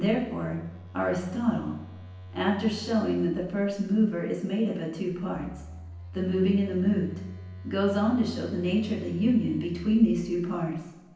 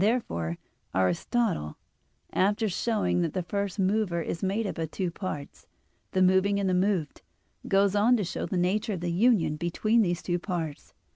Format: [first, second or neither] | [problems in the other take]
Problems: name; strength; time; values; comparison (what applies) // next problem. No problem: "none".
second | background sound (Telephone); 16 dB below the speech // room echo; dies away in 0.9 s